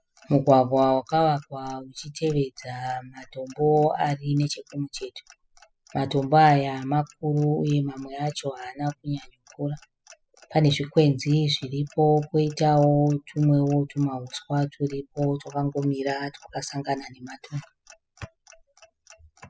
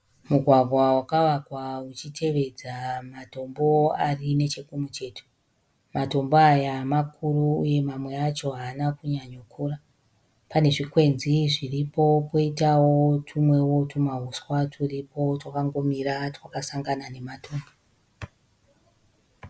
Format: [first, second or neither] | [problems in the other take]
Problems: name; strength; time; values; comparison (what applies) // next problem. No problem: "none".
second | noise reduction (classical method spectral subtraction)